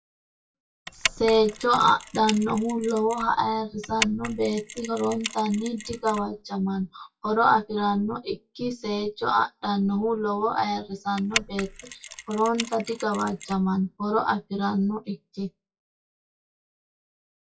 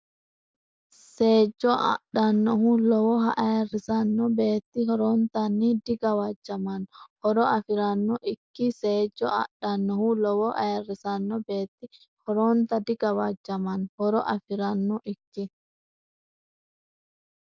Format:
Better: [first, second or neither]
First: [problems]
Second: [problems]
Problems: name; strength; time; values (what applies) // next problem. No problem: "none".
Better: second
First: noise reduction (classical method WPE with log-MMSE)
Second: none